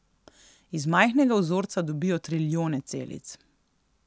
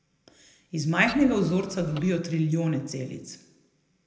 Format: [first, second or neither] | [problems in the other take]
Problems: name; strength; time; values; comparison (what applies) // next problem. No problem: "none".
first | background sound (Printer); 15 dB below the speech // room echo; dies away in 0.7 s